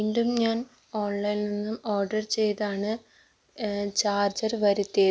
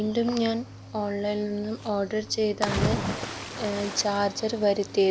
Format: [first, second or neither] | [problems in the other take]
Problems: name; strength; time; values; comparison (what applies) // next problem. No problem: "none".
first | background sound (Cricket / Waves, surf); 7 dB below the speech